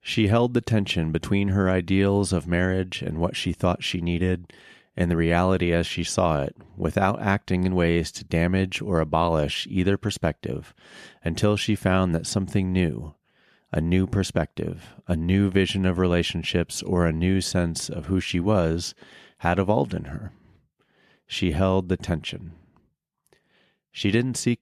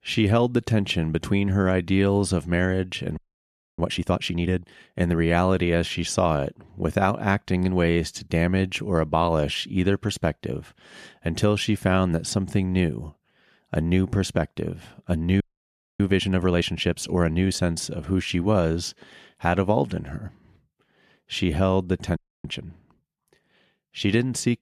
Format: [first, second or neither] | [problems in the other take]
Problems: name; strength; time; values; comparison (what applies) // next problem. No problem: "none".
first | audio freezing; at 3 s for 0.5 s, at 15 s for 0.5 s and at 22 s